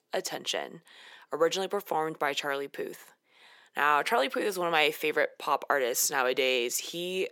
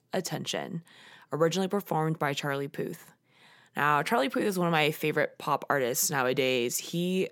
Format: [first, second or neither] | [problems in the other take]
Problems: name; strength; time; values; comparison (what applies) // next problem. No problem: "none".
second | thin; somewhat; fading below 450 Hz